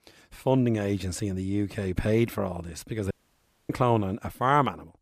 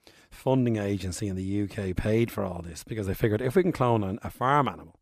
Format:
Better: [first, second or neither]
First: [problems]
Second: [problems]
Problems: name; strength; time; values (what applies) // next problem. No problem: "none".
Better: second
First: audio cutting out; at 3 s for 0.5 s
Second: none